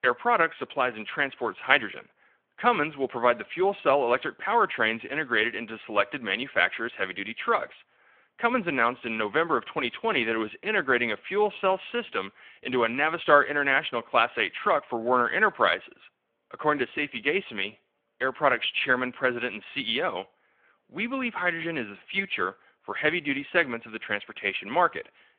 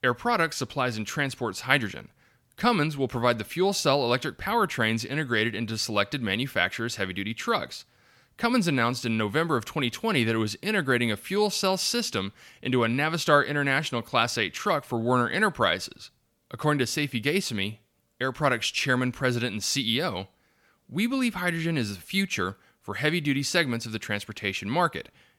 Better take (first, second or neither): second